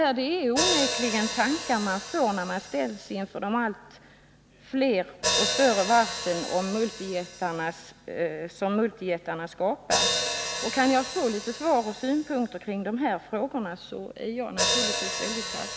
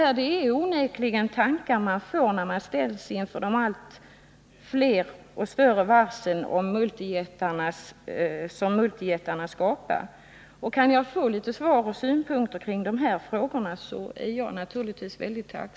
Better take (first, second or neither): second